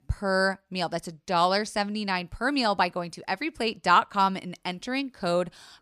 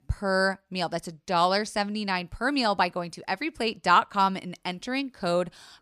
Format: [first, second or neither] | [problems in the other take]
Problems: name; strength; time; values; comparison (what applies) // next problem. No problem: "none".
neither | none